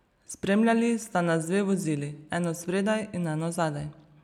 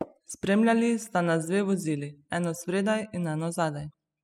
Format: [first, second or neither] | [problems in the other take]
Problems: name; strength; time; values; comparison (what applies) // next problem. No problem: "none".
first | noise reduction (classical method spectral subtraction)